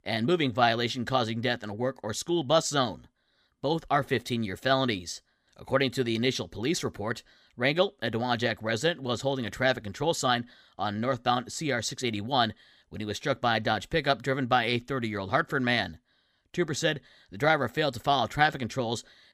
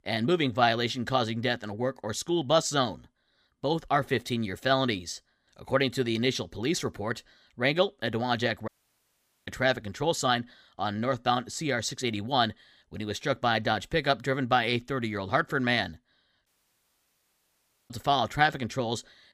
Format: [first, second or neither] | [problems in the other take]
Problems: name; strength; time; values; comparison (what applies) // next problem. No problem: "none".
first | audio cutting out; at 8.5 s for 1 s and at 16 s for 1.5 s